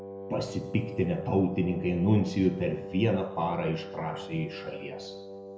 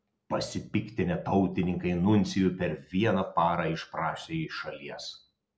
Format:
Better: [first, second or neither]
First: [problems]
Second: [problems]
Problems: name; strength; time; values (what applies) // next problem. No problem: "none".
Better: second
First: background sound (Wind instrument, woodwind instrument); 11 dB below the speech // room echo; dies away in 1.4 s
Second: none